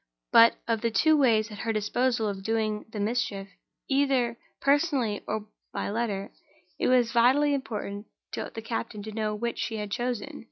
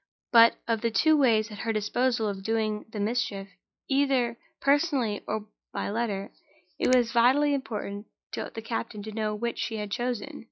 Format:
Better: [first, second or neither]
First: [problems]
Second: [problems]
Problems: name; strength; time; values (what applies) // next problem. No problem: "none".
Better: first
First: none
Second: noise reduction (neural mask model Resemble Enhance denoiser)